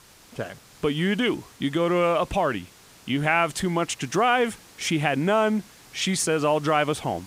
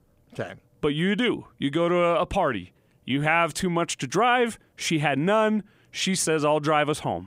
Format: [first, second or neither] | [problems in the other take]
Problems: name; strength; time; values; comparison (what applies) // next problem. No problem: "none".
second | hiss; faint; throughout; 25 dB below the speech